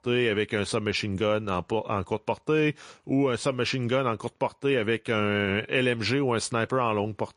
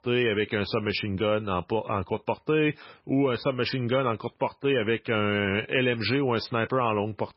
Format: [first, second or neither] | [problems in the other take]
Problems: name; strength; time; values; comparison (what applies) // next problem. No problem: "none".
first | garbled, watery; badly; nothing above 5.5 kHz; slightly in the first